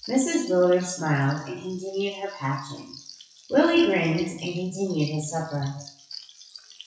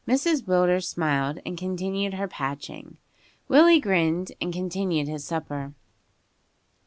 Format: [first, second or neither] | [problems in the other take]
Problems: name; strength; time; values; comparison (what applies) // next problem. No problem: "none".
second | noise reduction (classical method WPE with log-MMSE)